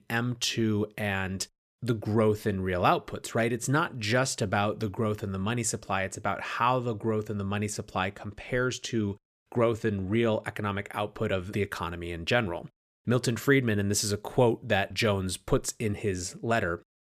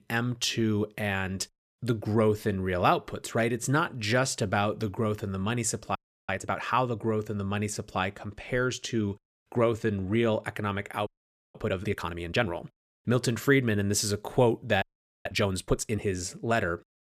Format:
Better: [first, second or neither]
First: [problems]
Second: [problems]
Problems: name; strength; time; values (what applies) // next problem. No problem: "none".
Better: first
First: none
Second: audio freezing; at 6 s, at 11 s and at 15 s